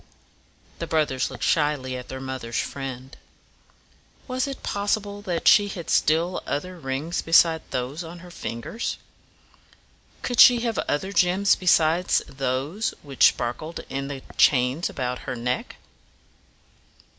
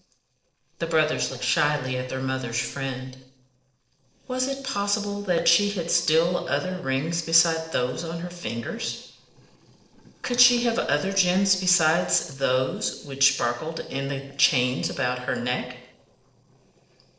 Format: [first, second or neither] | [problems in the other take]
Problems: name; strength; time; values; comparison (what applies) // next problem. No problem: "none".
first | noise reduction (neural separator model SepFormer DNS4)